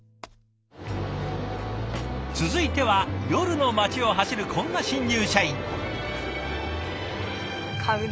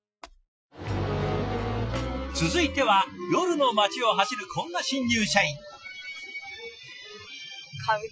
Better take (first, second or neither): first